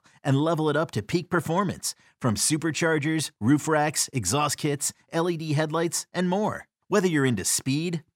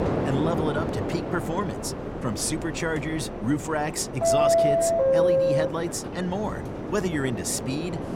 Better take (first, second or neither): first